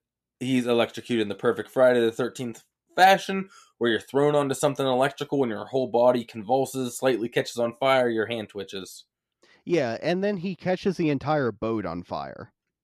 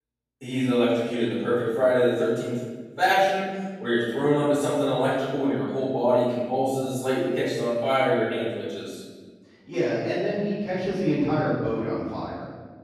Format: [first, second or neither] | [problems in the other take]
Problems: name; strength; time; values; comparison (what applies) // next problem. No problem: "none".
first | off-mic speech; far // room echo; strong; dies away in 1.3 s